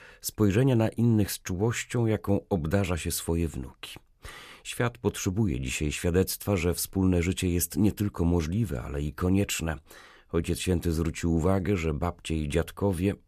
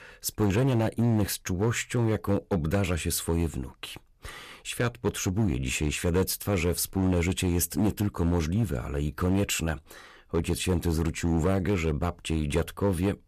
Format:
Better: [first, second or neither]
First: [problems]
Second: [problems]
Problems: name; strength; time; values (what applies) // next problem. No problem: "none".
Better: first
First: none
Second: distortion; slight; 7% of the sound clipped